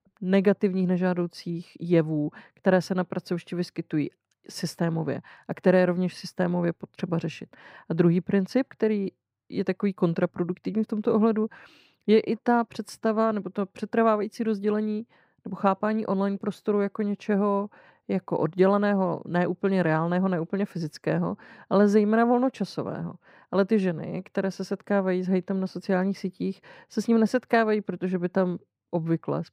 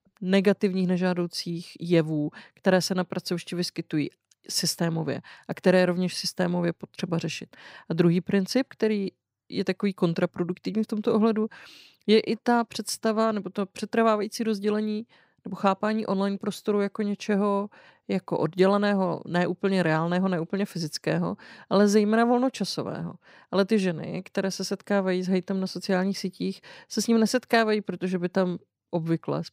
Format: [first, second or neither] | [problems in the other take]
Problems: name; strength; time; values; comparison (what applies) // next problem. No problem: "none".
second | muffled; slightly; fading above 3 kHz